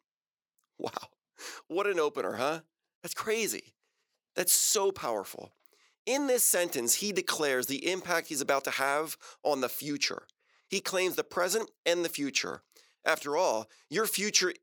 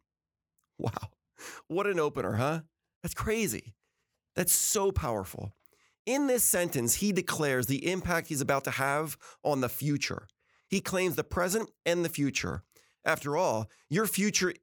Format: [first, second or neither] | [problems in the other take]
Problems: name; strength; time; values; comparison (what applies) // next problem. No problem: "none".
second | thin; somewhat; fading below 350 Hz